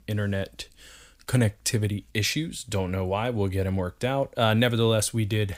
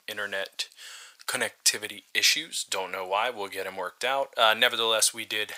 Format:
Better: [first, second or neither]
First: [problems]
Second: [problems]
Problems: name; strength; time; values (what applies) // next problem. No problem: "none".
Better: first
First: none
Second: thin; very; fading below 900 Hz